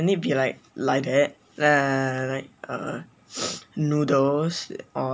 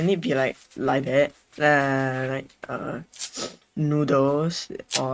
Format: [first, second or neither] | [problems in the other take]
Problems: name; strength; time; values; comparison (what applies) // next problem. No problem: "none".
first | noise reduction (neural mask model RNNoise)